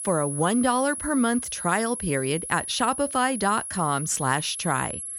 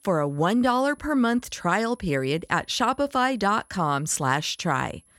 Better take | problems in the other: second | high-pitched whine; loud; throughout; 10.5 kHz, 7 dB below the speech; faint in the second

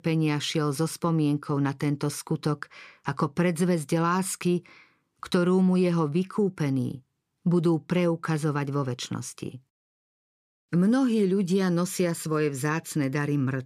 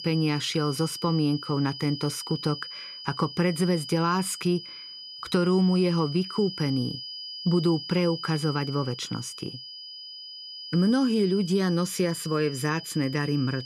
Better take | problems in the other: first | high-pitched whine; noticeable; throughout; 5 kHz, 10 dB below the speech

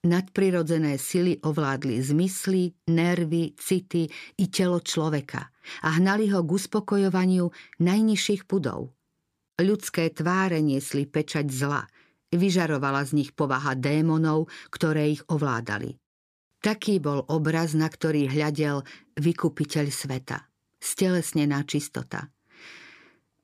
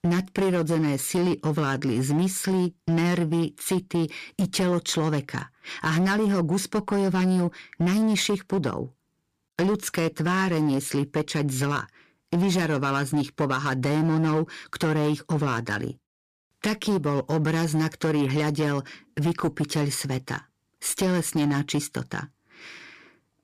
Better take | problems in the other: first | distortion; slight; 15% of the sound clipped

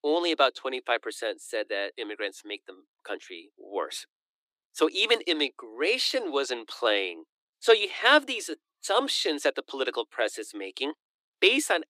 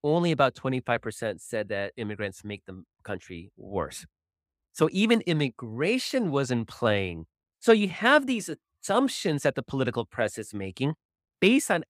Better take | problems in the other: second | thin; somewhat; fading below 300 Hz

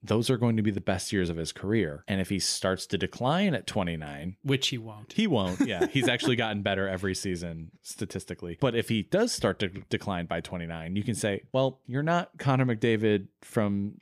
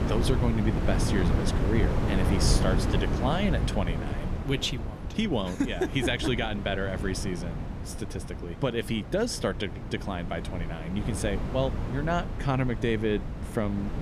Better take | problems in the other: first | wind noise on the microphone; heavy; 6 dB below the speech

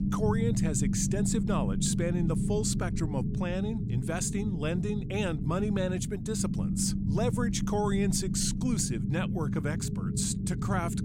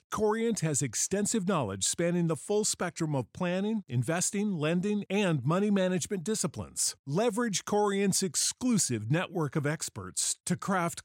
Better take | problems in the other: second | low rumble; loud; throughout; 6 dB below the speech

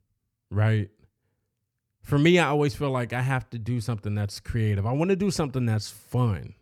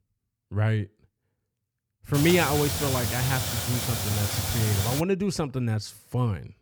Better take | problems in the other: first | hiss; very faint; from 2 to 5 s; 1 dB below the speech

